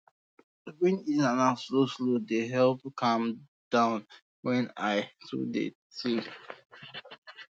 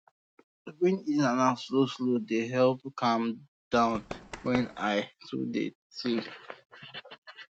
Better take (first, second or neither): first